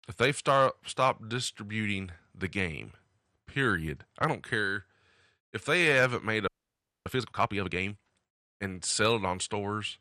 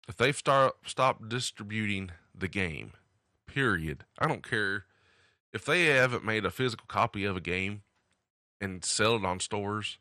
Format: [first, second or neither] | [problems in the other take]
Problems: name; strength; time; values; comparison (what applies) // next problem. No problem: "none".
second | audio freezing; at 6.5 s for 0.5 s